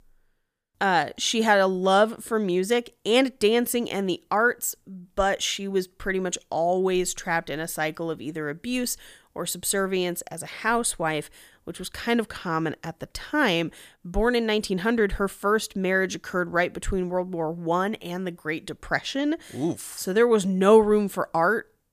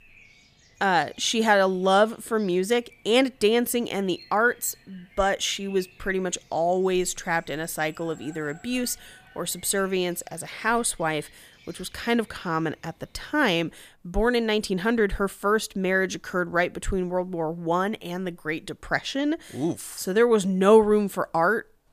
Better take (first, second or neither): first